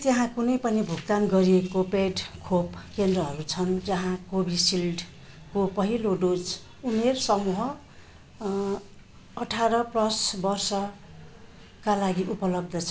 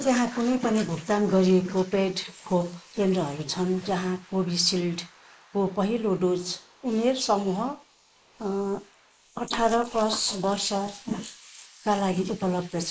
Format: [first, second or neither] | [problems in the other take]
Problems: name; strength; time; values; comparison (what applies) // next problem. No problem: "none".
first | noise reduction (neural mask model Resemble Enhance denoiser)